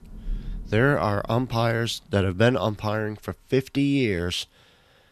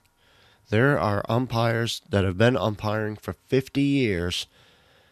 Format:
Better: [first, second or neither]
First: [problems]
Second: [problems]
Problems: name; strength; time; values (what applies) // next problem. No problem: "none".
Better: second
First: rain or running water; noticeable; throughout; 20 dB below the speech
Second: none